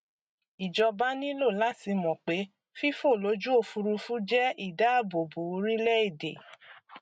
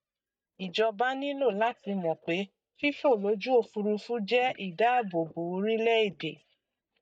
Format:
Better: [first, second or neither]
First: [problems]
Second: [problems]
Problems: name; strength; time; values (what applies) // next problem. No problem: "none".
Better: first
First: none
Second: noise reduction (neural mask model DeepFilterNet 3)